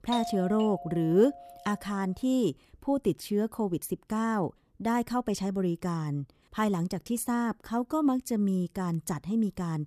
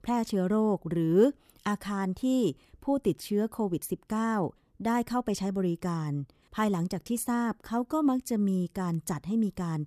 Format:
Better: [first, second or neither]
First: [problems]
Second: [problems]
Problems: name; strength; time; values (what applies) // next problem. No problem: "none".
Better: second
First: doorbell; noticeable; until 1.5 s; peak 6 dB below the speech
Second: none